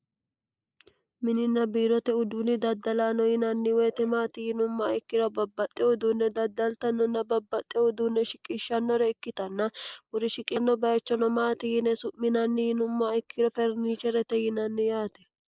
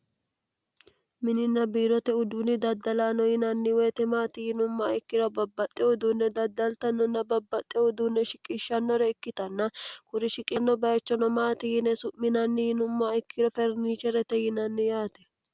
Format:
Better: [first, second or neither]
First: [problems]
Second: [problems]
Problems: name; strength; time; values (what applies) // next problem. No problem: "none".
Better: second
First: noise reduction (neural mask model Resemble Enhance denoiser)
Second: none